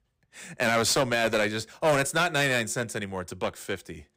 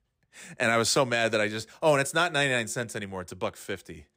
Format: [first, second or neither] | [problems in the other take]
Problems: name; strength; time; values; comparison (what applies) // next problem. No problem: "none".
second | distortion; slight; 7% of the sound clipped